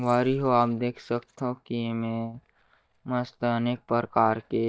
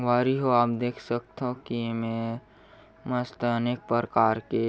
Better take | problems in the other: second | noise reduction (neural mask model DeepFilterNet 3)

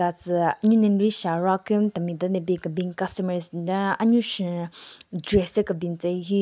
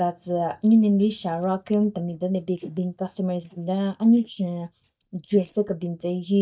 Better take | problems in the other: first | noise reduction (neural mask model DeepFilterNet 3)

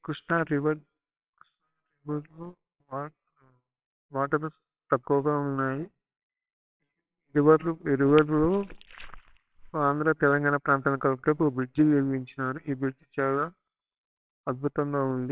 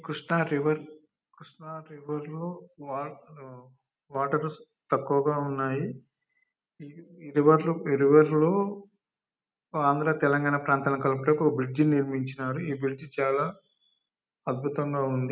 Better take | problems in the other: second | noise reduction (neural separator model SepFormer WHAMR!)

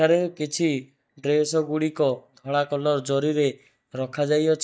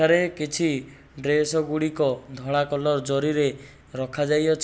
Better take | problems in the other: second | noise reduction (neural mask model DeepFilterNet 3)

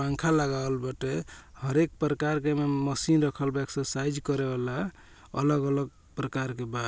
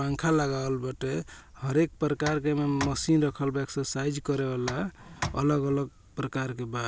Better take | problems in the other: first | background sound (Tick); 11 dB below the speech

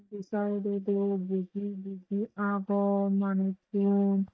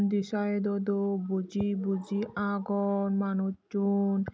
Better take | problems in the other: second | noise reduction (neural mask model DeepFilterNet 3)

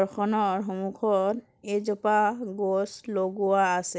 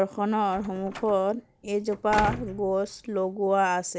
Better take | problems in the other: first | background sound (Slam); 12 dB below the speech

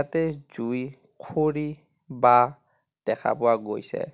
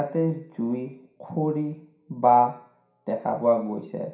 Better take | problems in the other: first | room echo; dies away in 0.5 s

